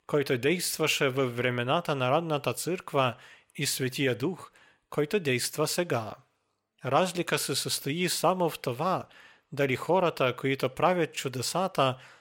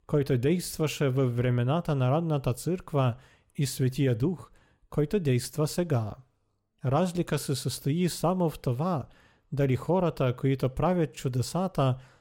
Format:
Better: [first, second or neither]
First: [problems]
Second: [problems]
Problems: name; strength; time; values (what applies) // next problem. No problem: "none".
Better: second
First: thin; somewhat; fading below 600 Hz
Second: none